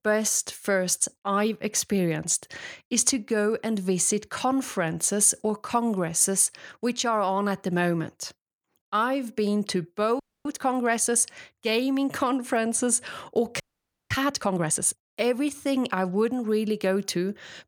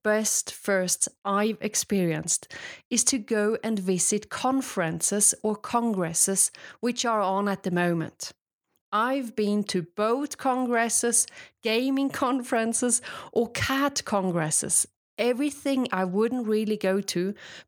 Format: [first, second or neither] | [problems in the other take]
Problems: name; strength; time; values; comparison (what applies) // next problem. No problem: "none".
second | audio freezing; at 10 s and at 14 s for 0.5 s